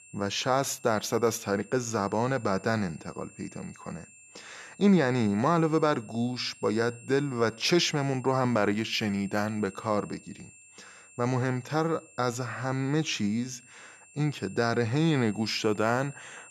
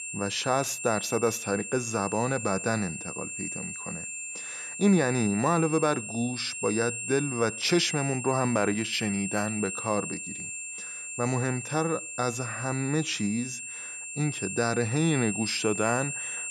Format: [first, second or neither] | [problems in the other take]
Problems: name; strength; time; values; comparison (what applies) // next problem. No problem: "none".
first | high-pitched whine; loud; throughout; 2.5 kHz, 6 dB below the speech; faint in the first